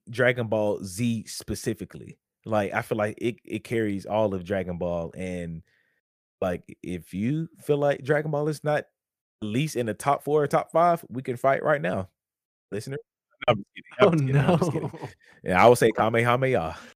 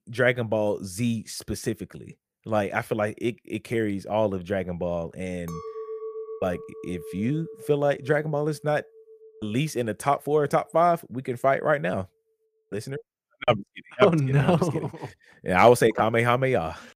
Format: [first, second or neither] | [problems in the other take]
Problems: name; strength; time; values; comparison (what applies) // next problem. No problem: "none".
first | clattering dishes; faint; from 5.5 to 9.5 s; peak 10 dB below the speech